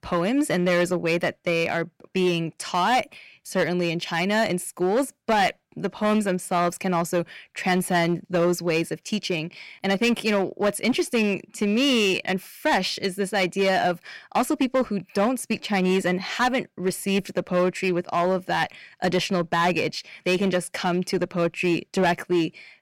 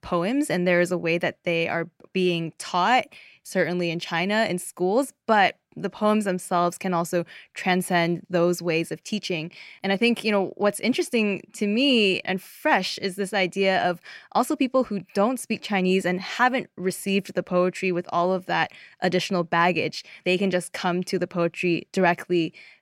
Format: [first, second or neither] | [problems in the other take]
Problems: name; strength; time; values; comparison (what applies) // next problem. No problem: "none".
second | distortion; slight; 6% of the sound clipped